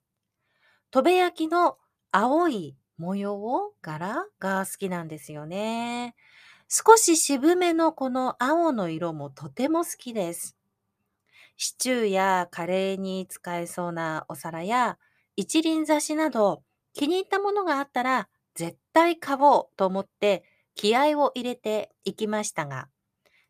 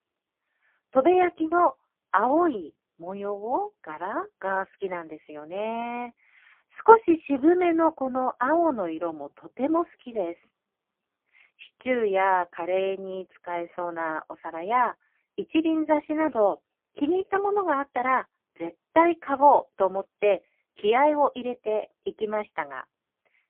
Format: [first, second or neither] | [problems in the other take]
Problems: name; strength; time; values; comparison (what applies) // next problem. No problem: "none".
first | phone-call audio; poor line; nothing above 3.5 kHz